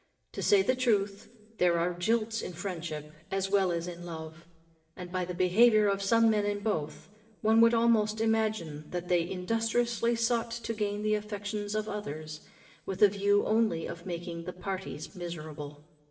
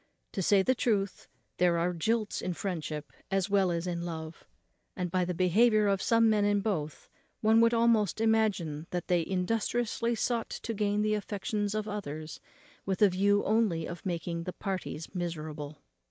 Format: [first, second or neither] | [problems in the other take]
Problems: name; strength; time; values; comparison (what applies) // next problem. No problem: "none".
second | room echo; dies away in 1.4 s